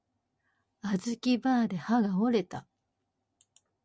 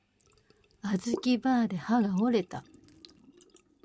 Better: first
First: none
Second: background sound (Trickle, dribble / Sink (filling or washing)); 15 dB below the speech

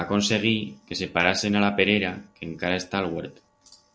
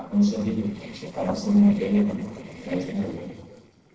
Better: first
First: none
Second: noise reduction (neural separator model SepFormer DNS4)

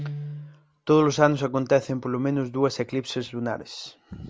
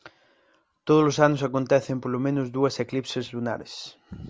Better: second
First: background sound (Guitar); 17 dB below the speech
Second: none

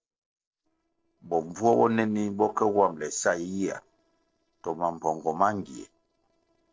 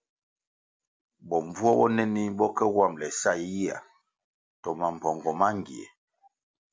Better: second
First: noise reduction (neural separator model SepFormer DNS4)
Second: none

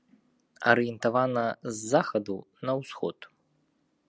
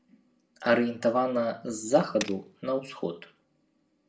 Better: first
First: none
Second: background sound (Tools); 14 dB below the speech // room echo; dies away in 0.4 s

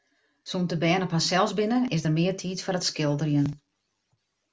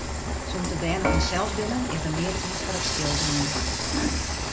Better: first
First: none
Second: background sound (Frying (food) / Dishes, pots, and pans); 3 dB above the speech

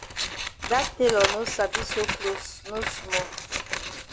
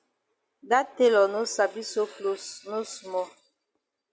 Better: second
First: background sound (Scissors); 2 dB below the speech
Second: none

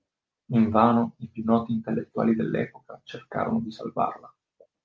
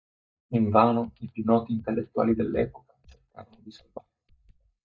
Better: first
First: none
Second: noise reduction (neural mask model DeepFilterNet 3)

